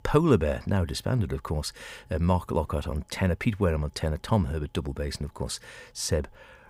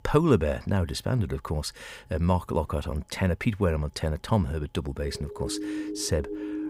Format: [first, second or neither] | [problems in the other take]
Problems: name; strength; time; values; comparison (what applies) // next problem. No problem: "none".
first | siren; noticeable; from 5 s on; peak 5 dB below the speech